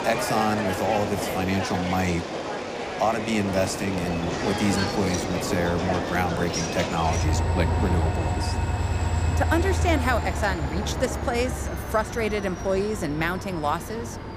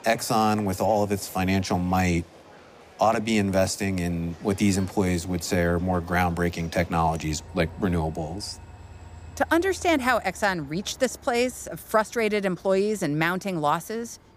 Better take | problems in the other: second | train or aircraft noise; loud; throughout; 1 dB below the speech; faint in the second

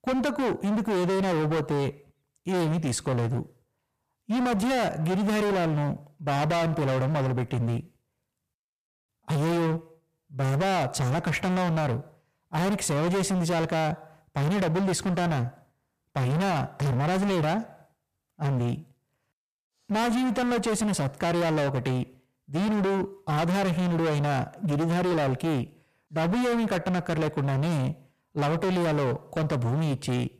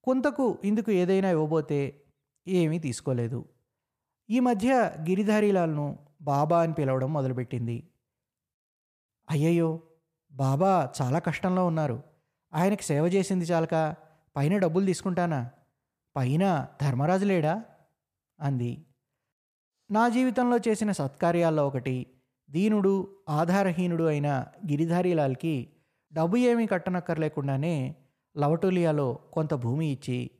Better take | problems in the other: second | distortion; heavy; 35% of the sound clipped

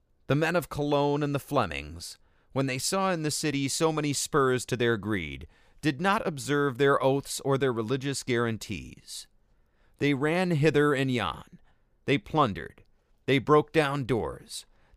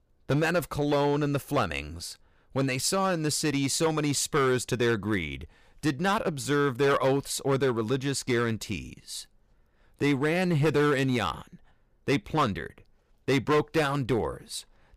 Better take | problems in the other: first | distortion; slight; 6% of the sound clipped

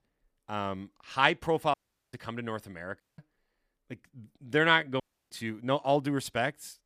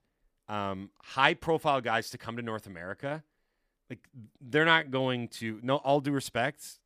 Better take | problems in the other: second | audio cutting out; at 1.5 s, at 3 s and at 5 s

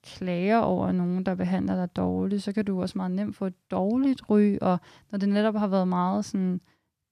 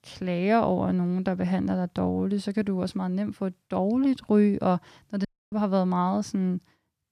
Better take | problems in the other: first | audio cutting out; at 5.5 s

